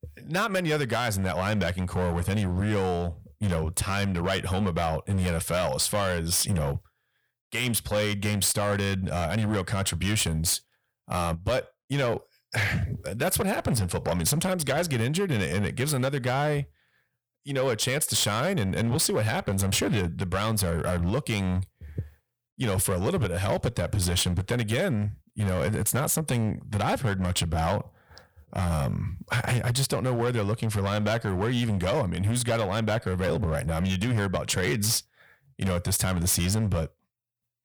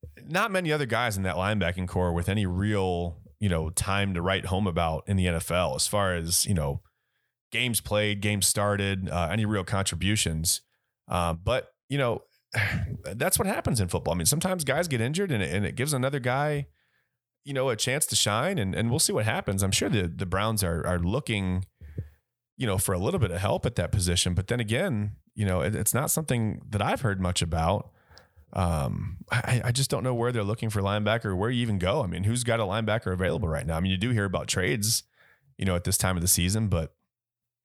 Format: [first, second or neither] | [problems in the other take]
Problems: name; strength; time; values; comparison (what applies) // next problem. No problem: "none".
second | distortion; slight; 12% of the sound clipped